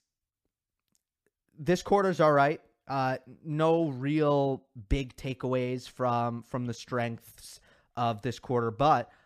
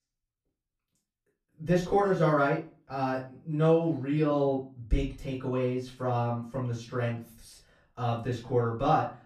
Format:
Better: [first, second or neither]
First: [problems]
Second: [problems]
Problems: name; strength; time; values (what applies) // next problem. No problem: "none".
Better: first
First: none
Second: off-mic speech; far // room echo; slight; dies away in 0.3 s